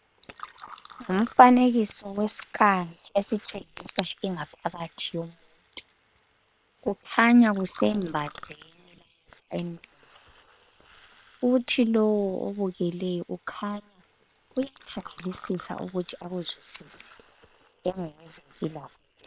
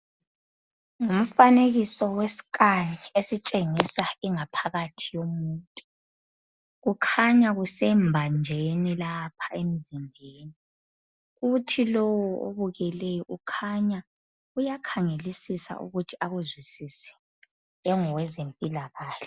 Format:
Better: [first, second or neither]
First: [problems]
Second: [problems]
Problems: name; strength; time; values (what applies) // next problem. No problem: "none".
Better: second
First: noise reduction (neural separator model SepFormer WHAM!)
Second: none